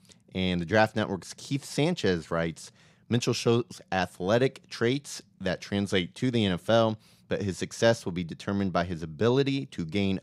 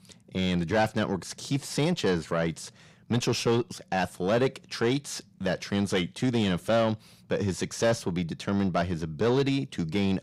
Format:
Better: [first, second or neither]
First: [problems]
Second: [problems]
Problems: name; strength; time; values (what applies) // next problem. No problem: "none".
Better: first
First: none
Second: distortion; slight; 10 dB below the speech